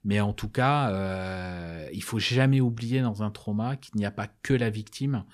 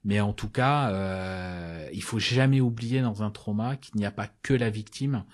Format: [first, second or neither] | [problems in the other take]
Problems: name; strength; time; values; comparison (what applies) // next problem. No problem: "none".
first | garbled, watery; slightly; nothing above 11 kHz